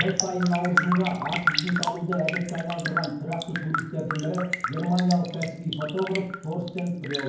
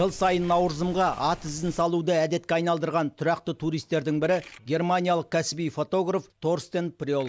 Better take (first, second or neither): second